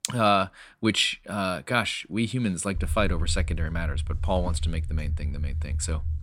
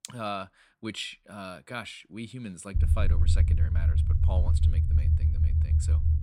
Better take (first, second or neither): first